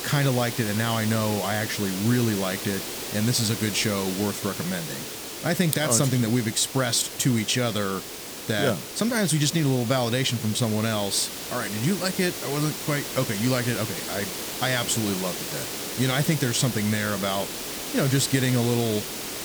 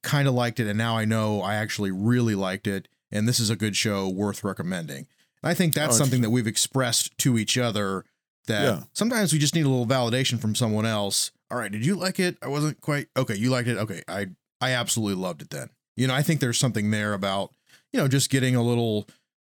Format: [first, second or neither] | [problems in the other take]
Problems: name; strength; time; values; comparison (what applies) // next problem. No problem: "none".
second | hiss; loud; throughout; 6 dB below the speech